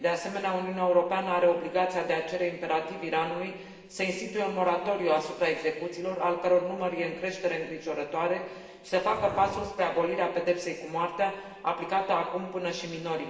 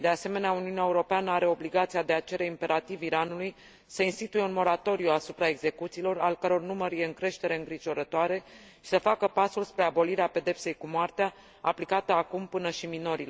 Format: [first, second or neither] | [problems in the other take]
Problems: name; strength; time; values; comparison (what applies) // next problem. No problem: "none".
second | background sound (Dog); 14 dB below the speech // room echo; dies away in 1.2 s